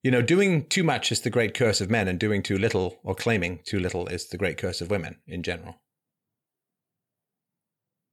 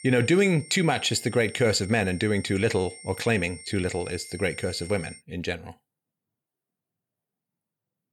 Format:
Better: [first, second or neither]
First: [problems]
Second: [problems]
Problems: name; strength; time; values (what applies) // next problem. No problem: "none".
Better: first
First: none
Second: high-pitched whine; noticeable; until 5 s; 2 kHz, 15 dB below the speech